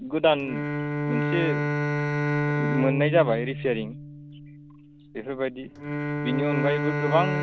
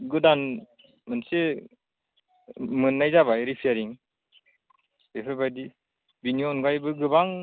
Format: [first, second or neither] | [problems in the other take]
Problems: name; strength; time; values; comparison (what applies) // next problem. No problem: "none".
second | background sound (Bowed string instrument); as loud as the speech